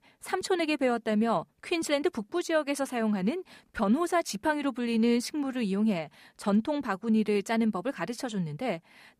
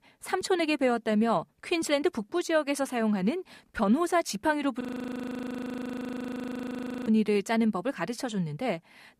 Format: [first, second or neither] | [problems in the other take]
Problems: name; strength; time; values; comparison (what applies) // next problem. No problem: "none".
first | audio freezing; at 5 s for 2.5 s